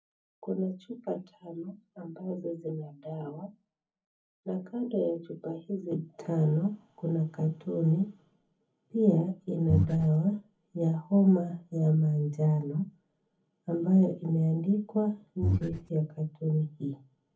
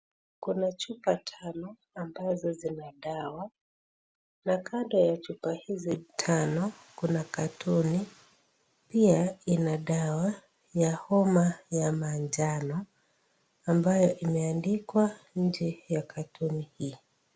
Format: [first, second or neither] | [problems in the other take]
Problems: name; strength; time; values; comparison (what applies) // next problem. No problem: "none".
second | background sound (Breathing); 1 dB above the speech // room echo; dies away in 0.3 s